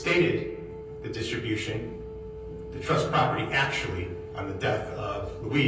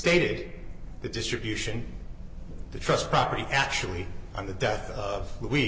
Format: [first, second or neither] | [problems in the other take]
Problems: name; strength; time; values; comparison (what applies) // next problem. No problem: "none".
second | background sound (Wind instrument, woodwind instrument); 12 dB below the speech // room echo; dies away in 0.6 s